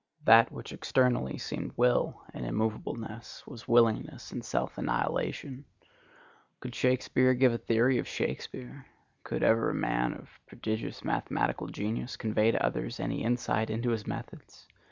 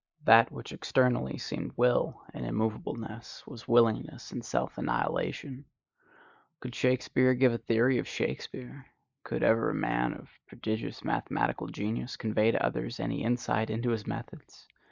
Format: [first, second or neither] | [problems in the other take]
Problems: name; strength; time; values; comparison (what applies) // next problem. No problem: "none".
first | noise reduction (neural mask model Resemble Enhance denoiser)